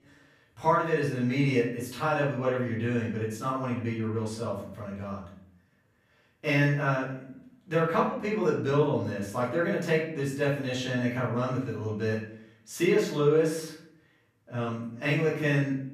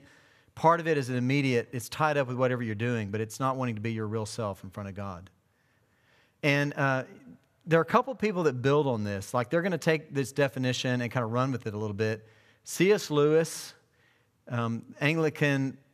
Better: second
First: room echo; noticeable; dies away in 0.6 s // off-mic speech; far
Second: none

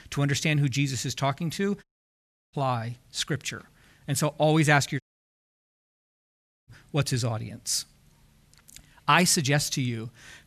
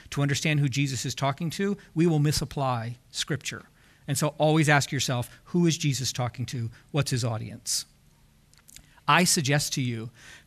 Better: second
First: audio cutting out; at 2 s for 0.5 s and at 5 s for 1.5 s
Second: none

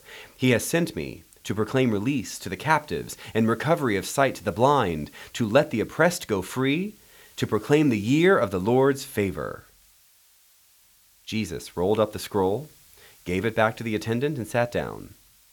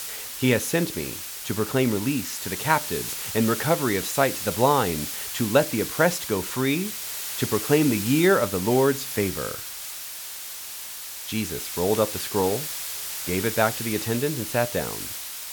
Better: first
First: hiss; faint; throughout; 30 dB below the speech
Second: hiss; loud; throughout; 6 dB below the speech

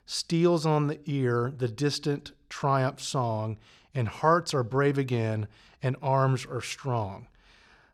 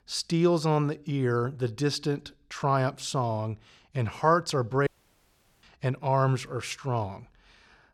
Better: first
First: none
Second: audio cutting out; at 5 s for 1 s

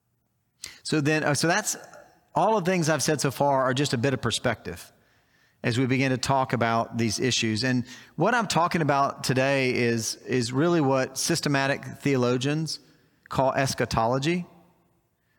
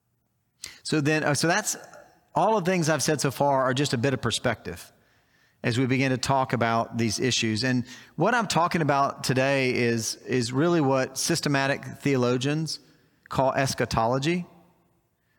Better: neither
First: none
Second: none

